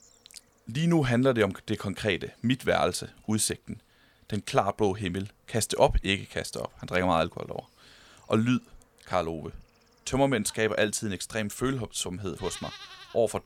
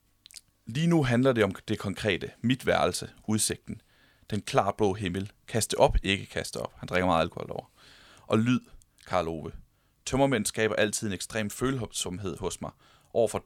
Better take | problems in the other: second | animal sounds; faint; throughout; 20 dB below the speech

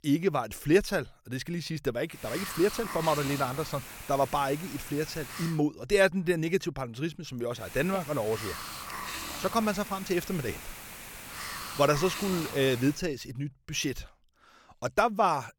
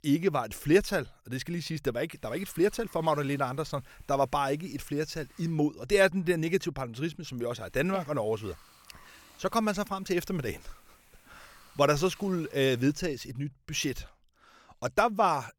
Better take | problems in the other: second | hiss; loud; from 2 to 5.5 s and from 7.5 to 13 s; 9 dB below the speech; faint in the second

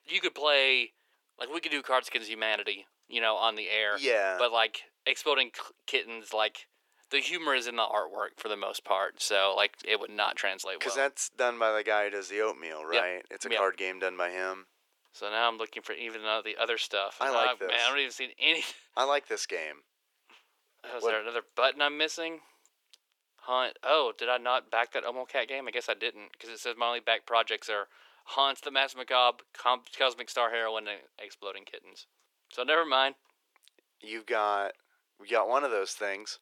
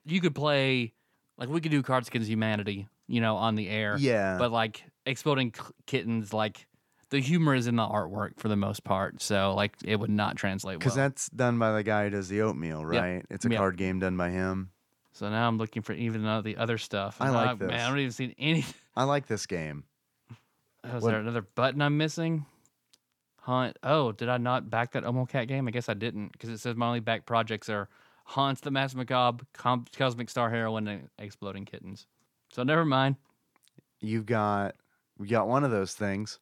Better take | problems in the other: second | thin; very; fading below 400 Hz

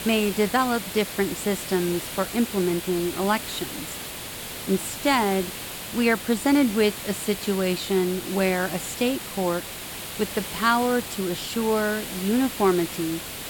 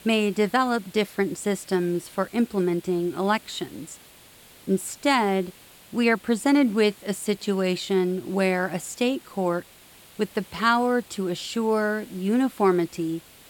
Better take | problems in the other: second | hiss; loud; throughout; 8 dB below the speech; faint in the second

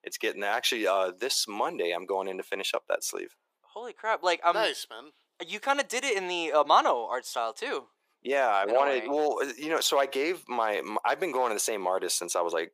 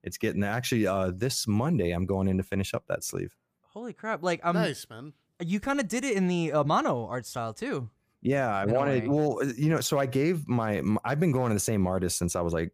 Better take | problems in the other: second | thin; very; fading below 400 Hz

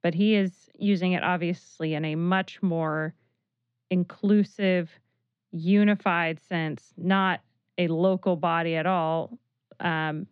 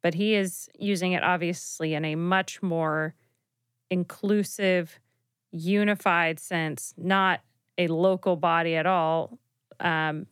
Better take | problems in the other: second | muffled; slightly; fading above 4 kHz

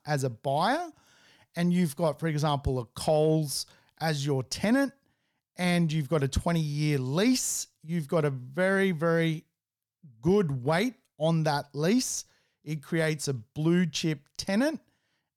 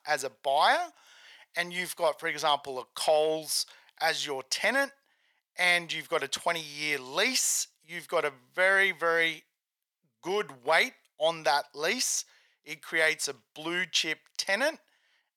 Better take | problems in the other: first | thin; very; fading below 750 Hz

